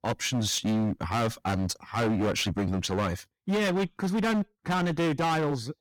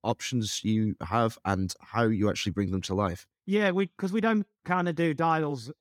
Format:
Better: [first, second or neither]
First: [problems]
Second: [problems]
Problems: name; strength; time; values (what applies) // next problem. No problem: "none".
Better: second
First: distortion; heavy; 23% of the sound clipped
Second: none